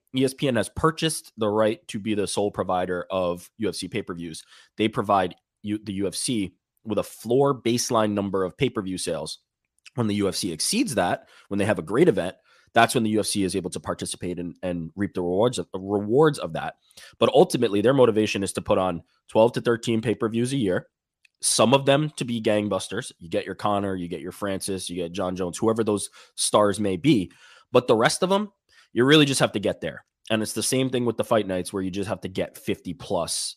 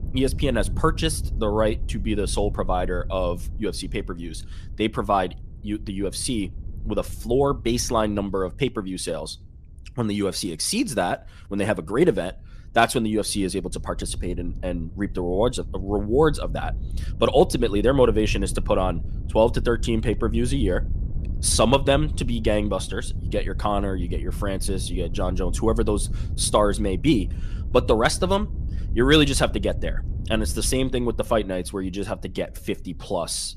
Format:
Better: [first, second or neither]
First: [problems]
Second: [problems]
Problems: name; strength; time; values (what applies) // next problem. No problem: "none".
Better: first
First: none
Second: wind noise on the microphone; occasional gusts; 20 dB below the speech